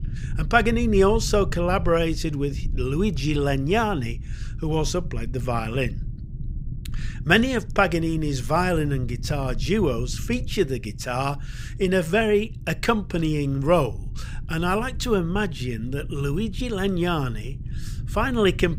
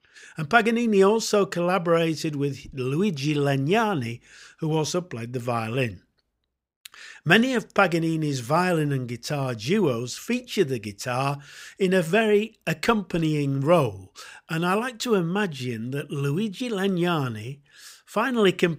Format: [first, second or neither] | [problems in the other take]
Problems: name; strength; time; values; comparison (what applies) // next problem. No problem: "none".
second | low rumble; faint; throughout; 25 dB below the speech